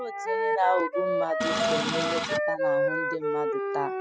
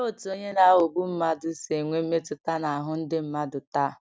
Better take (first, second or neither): second